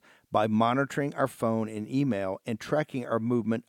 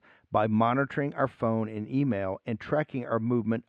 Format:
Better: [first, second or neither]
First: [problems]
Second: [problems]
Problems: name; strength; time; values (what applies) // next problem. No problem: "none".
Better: first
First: none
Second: muffled; slightly; fading above 2.5 kHz